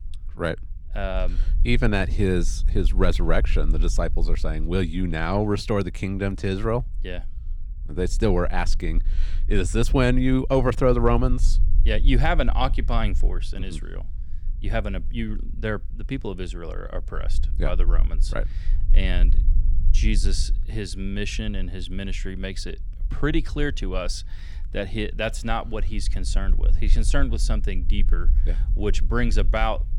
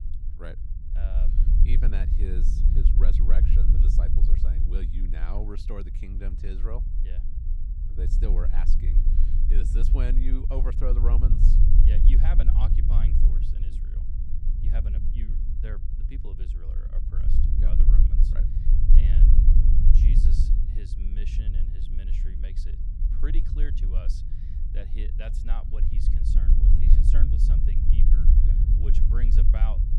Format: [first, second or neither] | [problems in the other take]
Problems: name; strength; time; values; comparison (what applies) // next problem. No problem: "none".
first | low rumble; loud; throughout; 1 dB below the speech; faint in the first